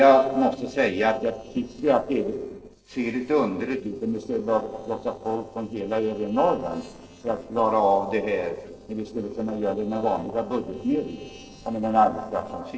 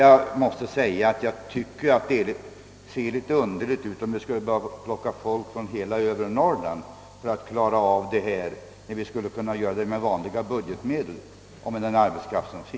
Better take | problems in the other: second | noise reduction (neural separator model SepFormer DNS4)

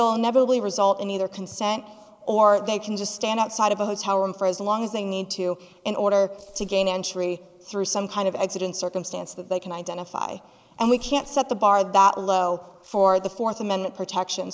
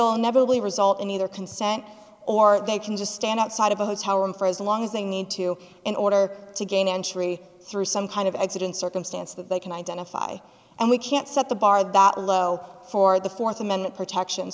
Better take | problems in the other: second | noise reduction (neural mask model Resemble Enhance denoiser)

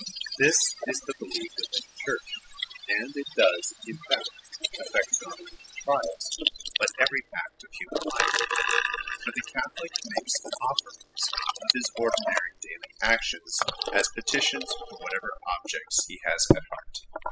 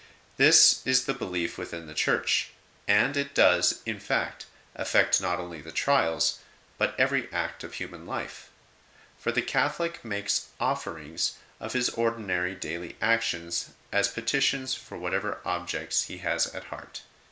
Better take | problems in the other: second | noise reduction (classical method spectral subtraction)

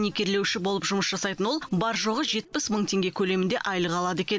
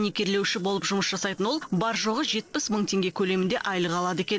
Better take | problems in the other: first | noise reduction (neural separator model SepFormer DNS4)

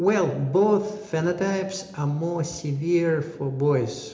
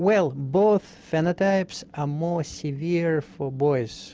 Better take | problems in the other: second | room echo; dies away in 0.8 s

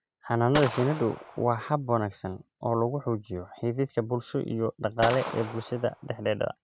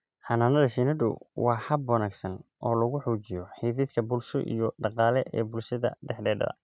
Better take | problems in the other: second | background sound (Gunshot, gunfire); 9 dB below the speech

